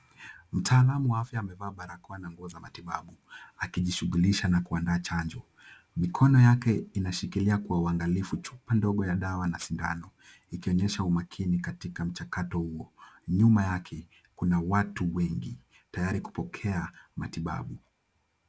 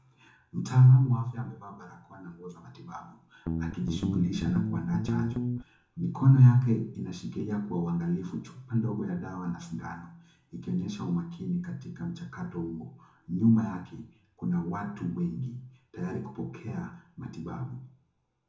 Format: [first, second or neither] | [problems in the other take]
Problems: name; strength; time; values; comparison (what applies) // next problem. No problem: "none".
first | background sound (Guitar); 2 dB below the speech // room echo; dies away in 0.6 s